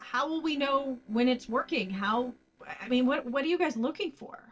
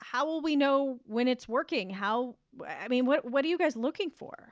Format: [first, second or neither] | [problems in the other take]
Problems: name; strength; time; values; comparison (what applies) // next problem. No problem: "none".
second | noise reduction (neural separator model SepFormer DNS4)